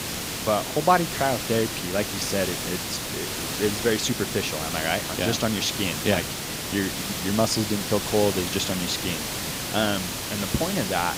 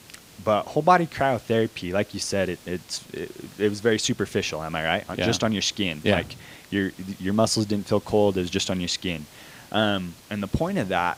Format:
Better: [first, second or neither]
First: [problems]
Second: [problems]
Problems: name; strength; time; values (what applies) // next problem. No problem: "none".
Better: second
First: hiss; loud; throughout; 2 dB below the speech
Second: hiss; faint; throughout; 25 dB below the speech